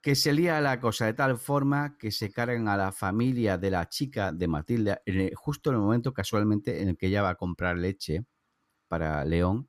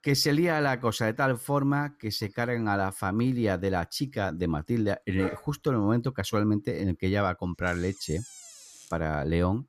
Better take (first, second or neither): first